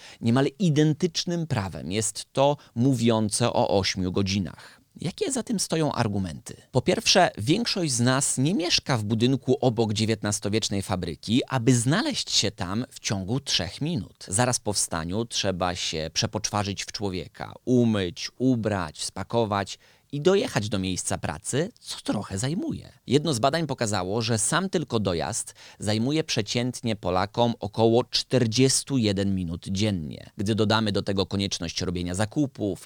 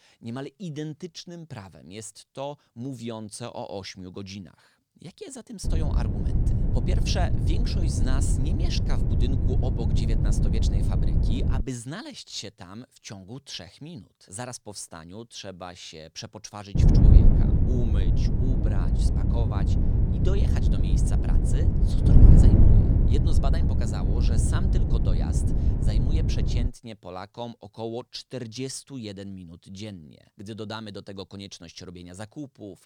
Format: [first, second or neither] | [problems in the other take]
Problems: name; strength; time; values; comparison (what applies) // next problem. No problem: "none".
first | wind noise on the microphone; heavy; from 5.5 to 12 s and from 17 to 27 s; 2 dB above the speech